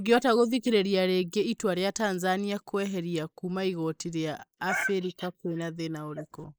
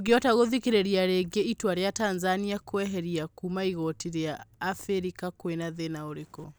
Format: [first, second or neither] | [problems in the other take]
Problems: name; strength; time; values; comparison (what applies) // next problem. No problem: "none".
second | noise reduction (neural mask model Resemble Enhance denoiser)